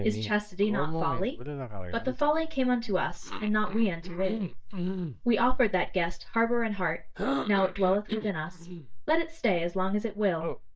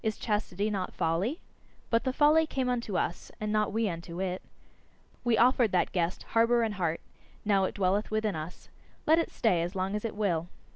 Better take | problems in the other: second | noise reduction (neural mask model DeepFilterNet 3)

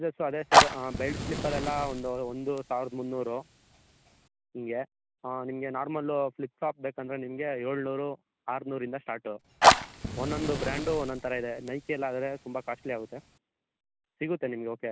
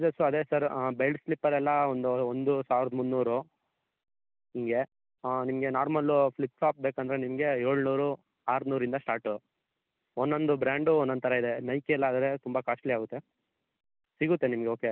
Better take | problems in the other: second | background sound (Fire); 4 dB above the speech

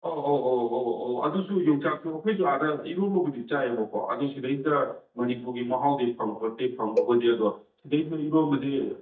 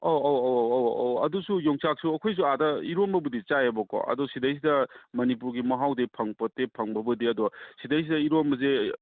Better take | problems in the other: second | noise reduction (neural mask model DeepFilterNet 3)

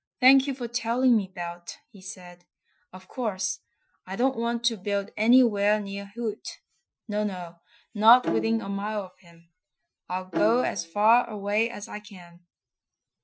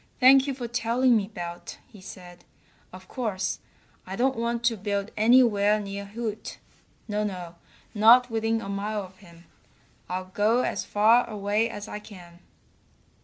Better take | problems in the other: second | noise reduction (classical method Wiener filter)

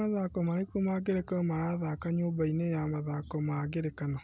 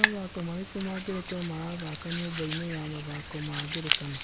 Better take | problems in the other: first | background sound (Hands); as loud as the speech

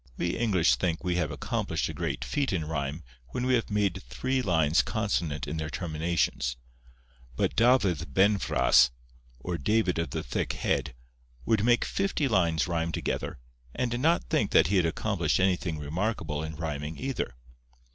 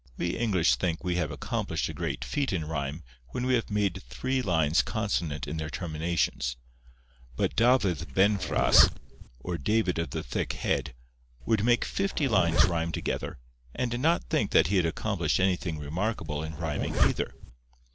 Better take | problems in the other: first | background sound (Zipper (clothing)); 2 dB below the speech

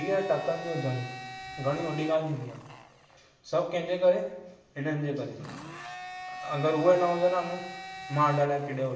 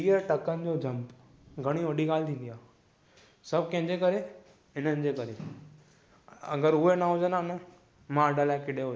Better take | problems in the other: second | background sound (Domestic sounds, home sounds); 13 dB below the speech // room echo; dies away in 0.9 s

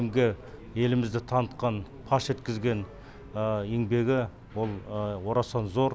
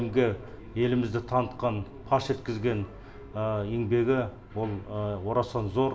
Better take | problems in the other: first | room echo; dies away in 0.7 s

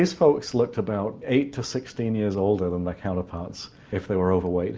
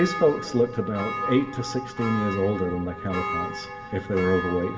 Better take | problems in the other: first | background sound (Church bell); 8 dB below the speech // room echo; dies away in 1.9 s

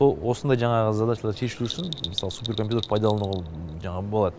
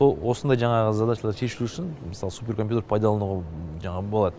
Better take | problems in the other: second | background sound (Bell); 13 dB below the speech

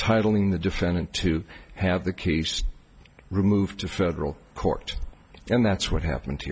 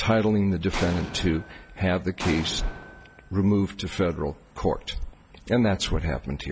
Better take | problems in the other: first | background sound (Explosion); 11 dB below the speech

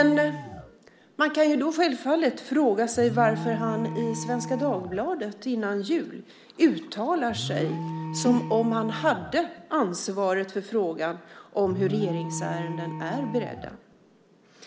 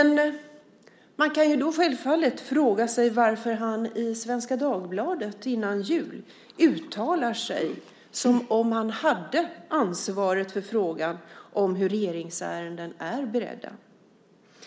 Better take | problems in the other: second | background sound (Alarm); 10 dB below the speech

